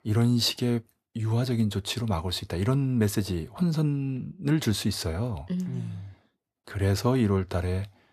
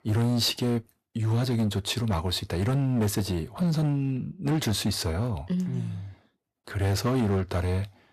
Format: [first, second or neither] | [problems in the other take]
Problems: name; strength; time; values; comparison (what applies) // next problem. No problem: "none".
first | distortion; slight; 12% of the sound clipped